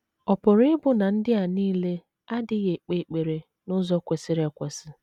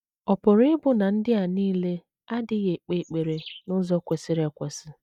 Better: first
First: none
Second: noise reduction (neural mask model DeepFilterNet 3)

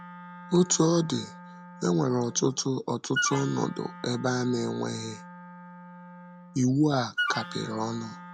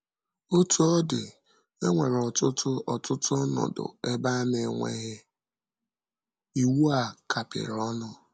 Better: second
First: background sound (Wind instrument, woodwind instrument); 11 dB below the speech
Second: none

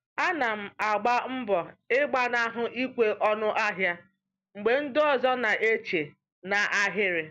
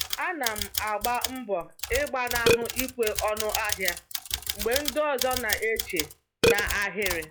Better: first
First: none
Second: noise reduction (classical method log-MMSE)

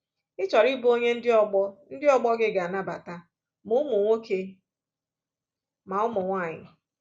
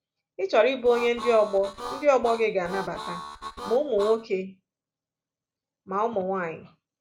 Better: first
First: none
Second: background sound (Harmonica); 11 dB below the speech

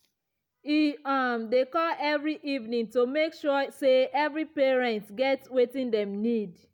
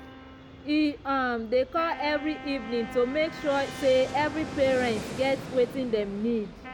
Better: first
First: none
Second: background sound (Wind instrument, woodwind instrument + Fixed-wing aircraft, airplane); 12 dB below the speech

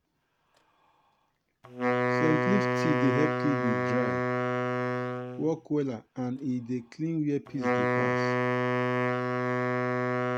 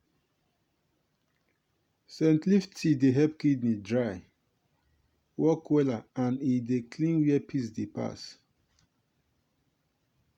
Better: second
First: background sound (Wind instrument, woodwind instrument); 4 dB above the speech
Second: none

